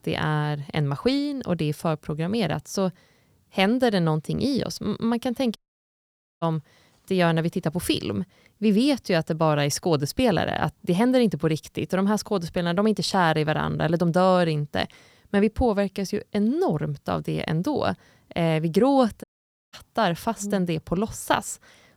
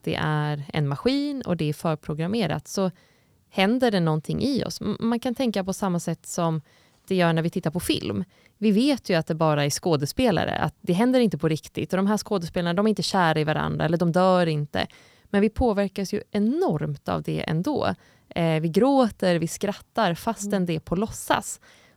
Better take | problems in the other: second | audio cutting out; at 5.5 s for 1 s and at 19 s

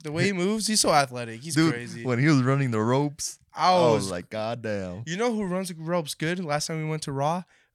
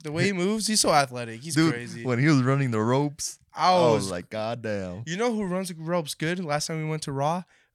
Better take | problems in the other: neither | none

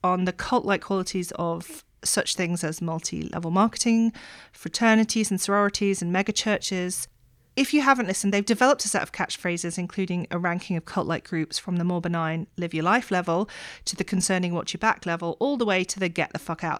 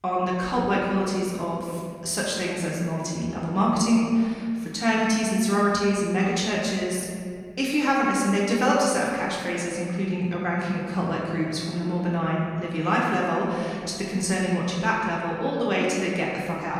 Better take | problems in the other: first | room echo; noticeable; dies away in 2 s // off-mic speech; far

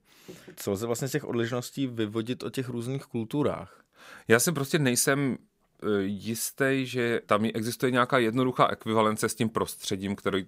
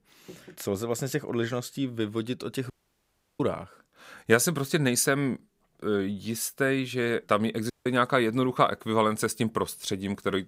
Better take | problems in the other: first | audio cutting out; at 2.5 s for 0.5 s and at 7.5 s

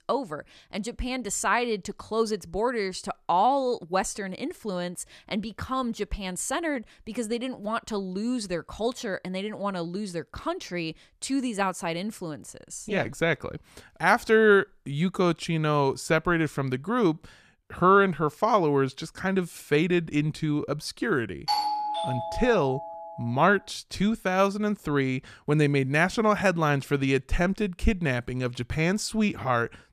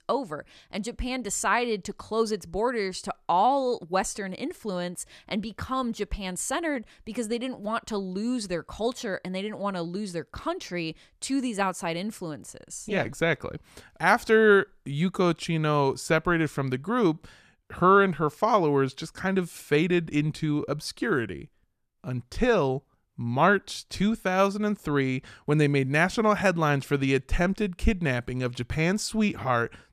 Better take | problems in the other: second | doorbell; loud; from 21 to 23 s; peak level with the speech

